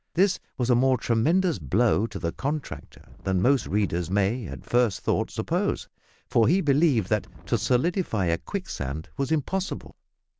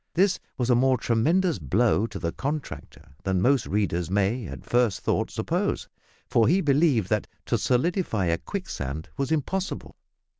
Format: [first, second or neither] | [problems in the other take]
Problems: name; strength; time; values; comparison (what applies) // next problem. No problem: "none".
second | background sound (Wind); 19 dB below the speech